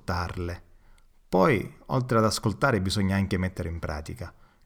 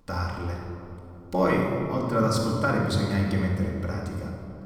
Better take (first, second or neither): first